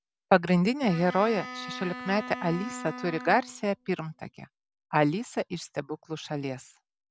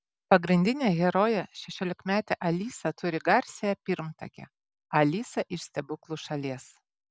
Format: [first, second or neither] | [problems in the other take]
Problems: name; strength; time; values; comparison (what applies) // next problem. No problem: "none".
second | background sound (Bowed string instrument); 12 dB below the speech